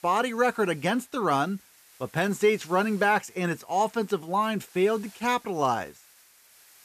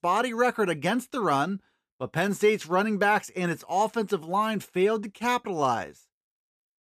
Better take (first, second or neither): second